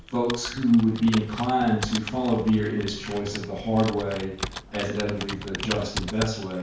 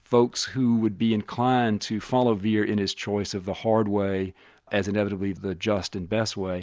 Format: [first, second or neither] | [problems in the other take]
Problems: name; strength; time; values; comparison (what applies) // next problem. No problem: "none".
second | background sound (Computer keyboard); 11 dB below the speech // room echo; dies away in 0.5 s